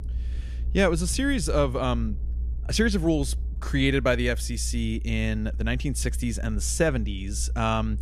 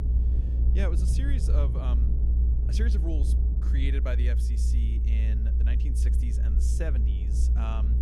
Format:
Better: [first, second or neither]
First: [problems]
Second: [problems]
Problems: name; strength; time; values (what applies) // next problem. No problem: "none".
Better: first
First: low rumble; faint; throughout; 25 dB below the speech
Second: low rumble; loud; throughout; 3 dB below the speech